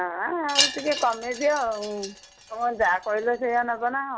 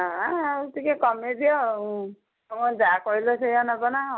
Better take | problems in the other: second | background sound (Wind chime); 6 dB below the speech

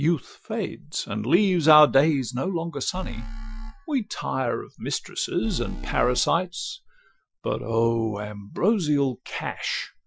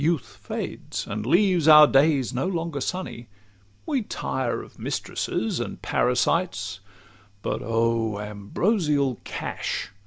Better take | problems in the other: second | noise reduction (classical method Wiener filter)

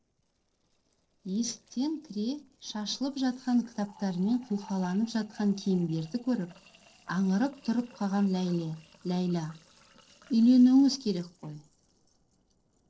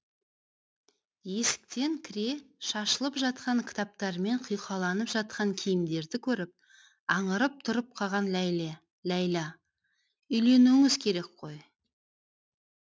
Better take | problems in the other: second | noise reduction (neural separator model SepFormer DNS4)

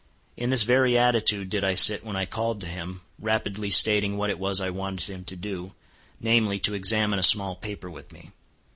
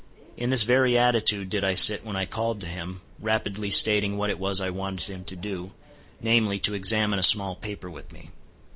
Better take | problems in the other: first | background sound (Subway, metro, underground); 18 dB below the speech

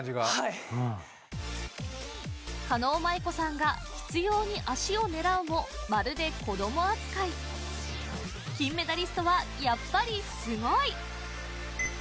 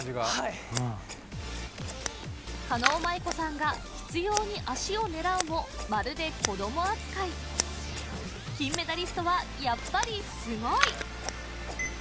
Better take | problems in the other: first | background sound (Scissors); 6 dB below the speech

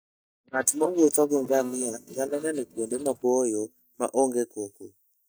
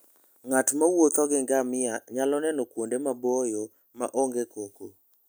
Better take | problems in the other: second | noise reduction (neural mask model DeepFilterNet 3)

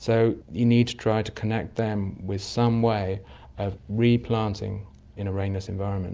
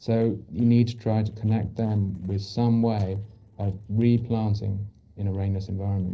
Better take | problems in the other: first | noise reduction (neural separator model SepFormer DNS4)

